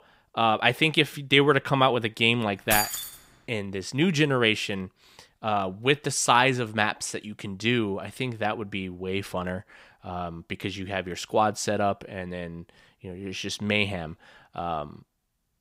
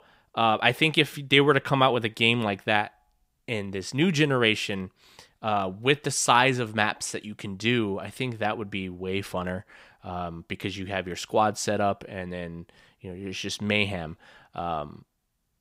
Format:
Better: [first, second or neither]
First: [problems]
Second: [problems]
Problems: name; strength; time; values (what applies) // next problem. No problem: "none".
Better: second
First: jangling keys; noticeable; at 2.5 s; peak level with the speech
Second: none